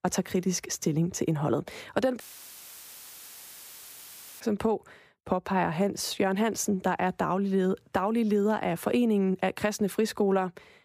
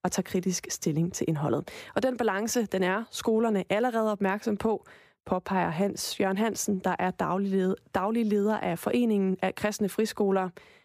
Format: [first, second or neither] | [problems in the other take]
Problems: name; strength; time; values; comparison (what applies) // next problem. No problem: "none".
second | audio cutting out; filled with static; at 2 s for 2 s